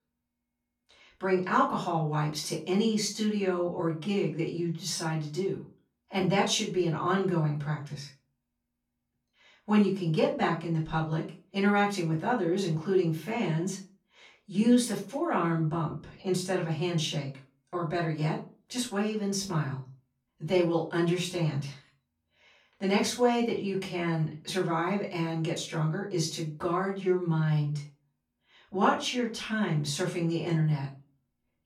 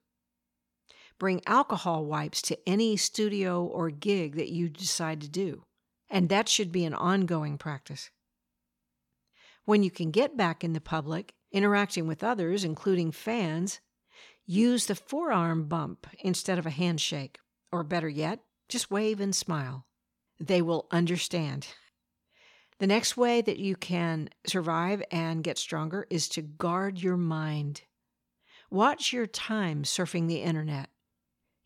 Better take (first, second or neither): second